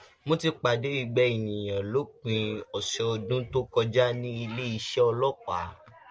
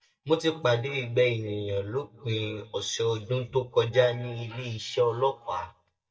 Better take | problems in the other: first | noise reduction (neural mask model DeepFilterNet 3)

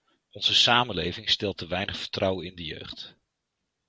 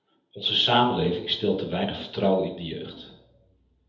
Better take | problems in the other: first | room echo; dies away in 0.7 s

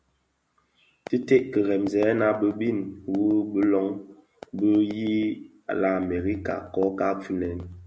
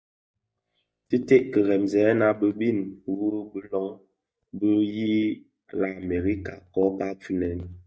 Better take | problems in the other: first | noise reduction (neural mask model DeepFilterNet 3)

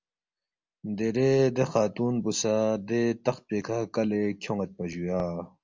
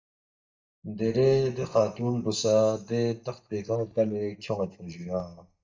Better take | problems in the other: first | noise reduction (neural mask model DeepFilterNet 3)

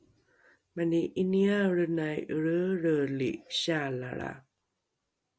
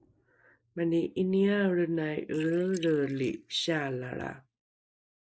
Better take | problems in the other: first | noise reduction (neural mask model Resemble Enhance denoiser)

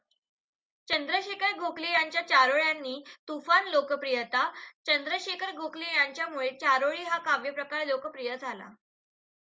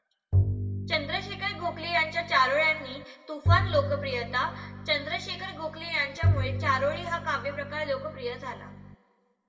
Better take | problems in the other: first | background sound (Bowed string instrument); 1 dB below the speech // room echo; dies away in 1.4 s

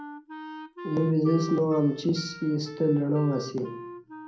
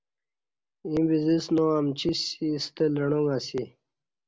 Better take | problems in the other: second | background sound (Wind instrument, woodwind instrument); 14 dB below the speech // room echo; dies away in 0.6 s

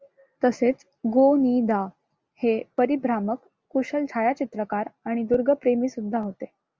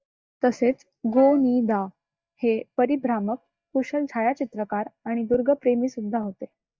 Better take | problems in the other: first | noise reduction (neural mask model DeepFilterNet 3)

